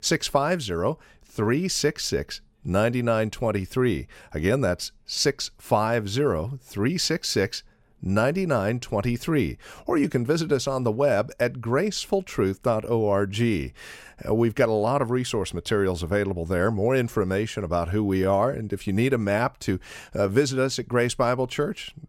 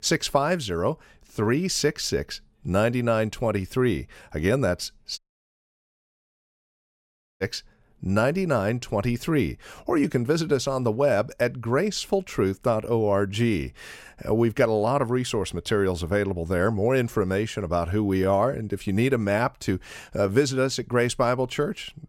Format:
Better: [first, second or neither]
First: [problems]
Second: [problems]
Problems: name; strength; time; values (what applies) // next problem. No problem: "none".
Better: first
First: none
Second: audio cutting out; at 5 s for 2 s